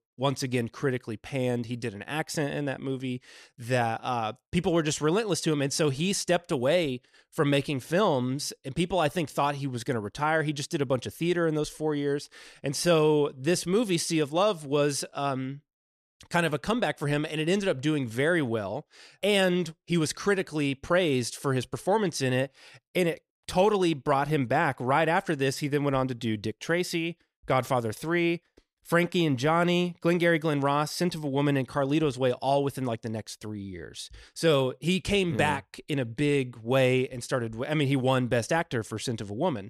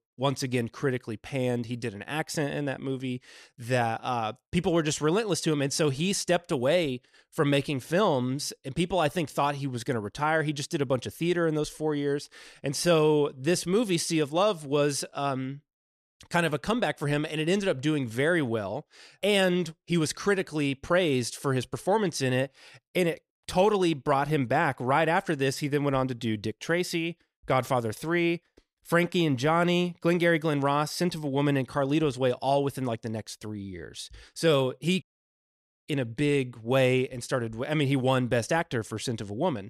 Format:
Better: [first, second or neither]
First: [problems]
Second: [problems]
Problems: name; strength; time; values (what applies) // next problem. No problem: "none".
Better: first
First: none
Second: audio cutting out; at 35 s for 1 s